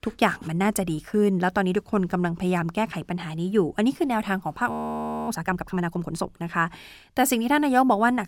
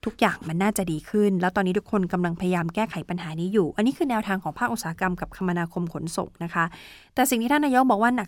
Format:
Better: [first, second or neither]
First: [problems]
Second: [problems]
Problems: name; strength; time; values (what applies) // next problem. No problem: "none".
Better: second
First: audio freezing; at 4.5 s for 0.5 s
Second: none